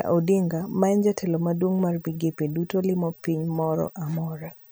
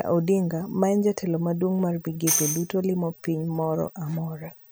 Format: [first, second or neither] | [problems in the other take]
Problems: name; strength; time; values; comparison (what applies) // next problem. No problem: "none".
first | background sound (Tambourine); 5 dB below the speech